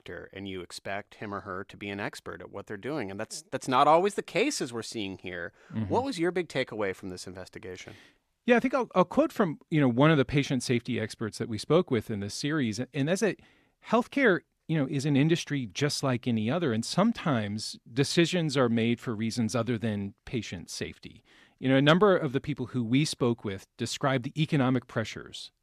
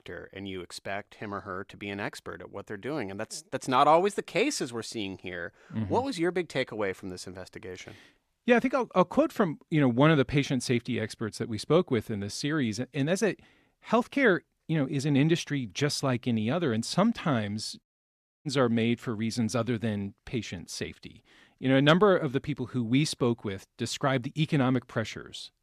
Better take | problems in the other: first | audio cutting out; at 18 s for 0.5 s

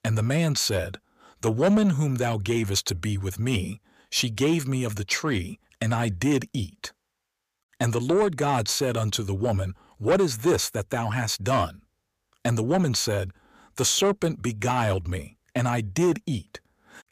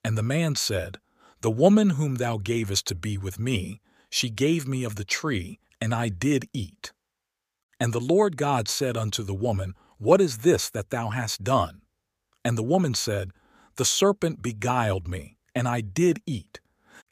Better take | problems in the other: second | distortion; slight; 10 dB below the speech

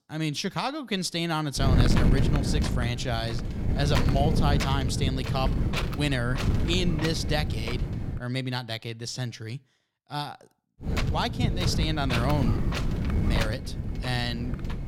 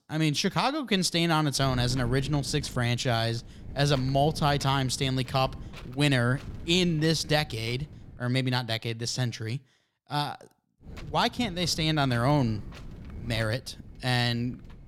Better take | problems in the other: second | wind noise on the microphone; heavy; from 1.5 to 8 s and from 11 s on; 4 dB below the speech; occasional gusts in the second

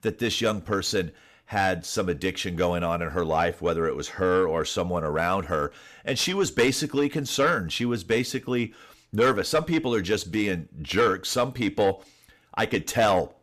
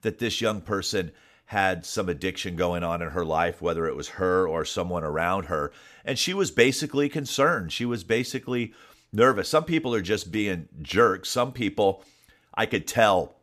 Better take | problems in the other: second | distortion; slight; 10 dB below the speech

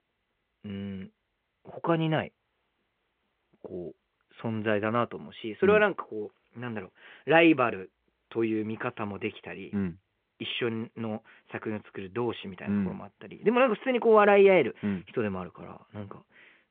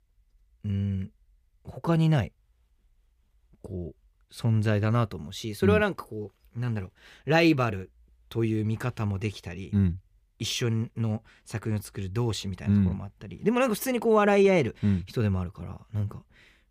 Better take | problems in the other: second | phone-call audio; nothing above 3.5 kHz

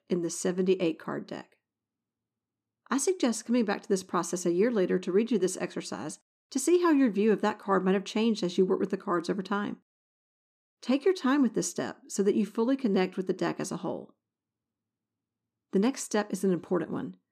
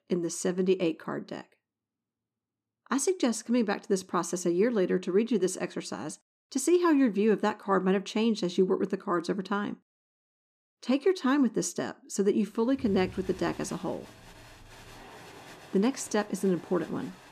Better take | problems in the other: first | crowd noise; faint; from 13 s on; 20 dB below the speech

